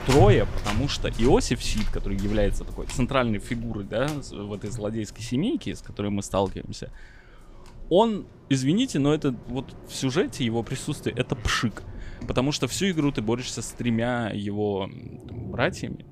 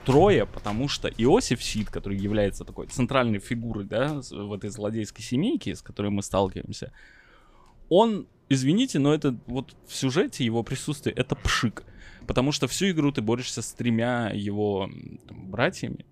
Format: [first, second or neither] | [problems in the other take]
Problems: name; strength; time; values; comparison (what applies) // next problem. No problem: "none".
second | rain or running water; loud; throughout; 9 dB below the speech; faint in the second